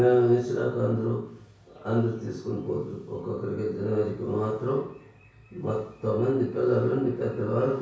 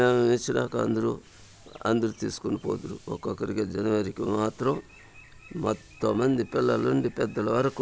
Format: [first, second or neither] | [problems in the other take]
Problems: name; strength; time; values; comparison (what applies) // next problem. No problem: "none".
second | room echo; dies away in 0.6 s